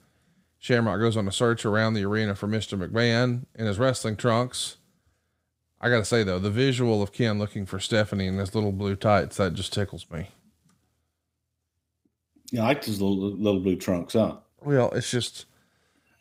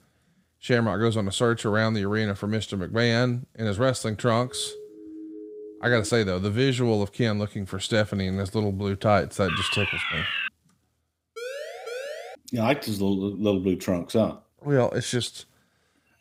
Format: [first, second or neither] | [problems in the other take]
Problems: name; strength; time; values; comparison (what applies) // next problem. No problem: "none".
first | siren; faint; from 4.5 to 6 s; peak 15 dB below the speech // alarm; noticeable; from 9.5 to 10 s; peak level with the speech // siren; noticeable; at 11 s; peak 9 dB below the speech